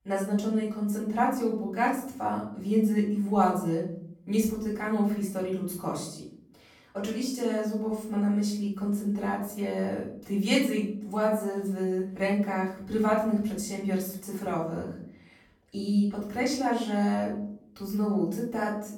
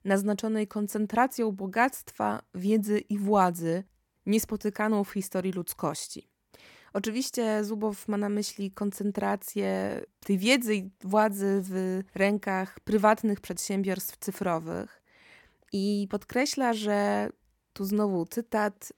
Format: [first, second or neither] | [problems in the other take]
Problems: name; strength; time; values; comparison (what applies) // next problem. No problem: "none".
second | off-mic speech; far // room echo; noticeable; dies away in 0.7 s